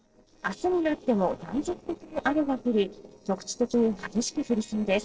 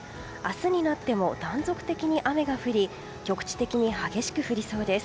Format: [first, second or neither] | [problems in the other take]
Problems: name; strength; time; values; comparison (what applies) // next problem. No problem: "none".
second | noise reduction (neural separator model SepFormer DNS4)